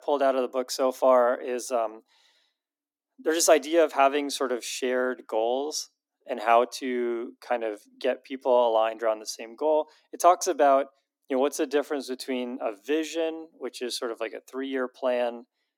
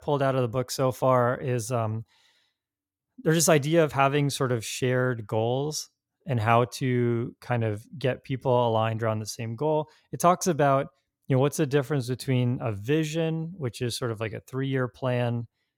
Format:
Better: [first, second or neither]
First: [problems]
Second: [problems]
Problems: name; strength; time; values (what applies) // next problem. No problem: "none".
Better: second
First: thin; somewhat; fading below 250 Hz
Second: none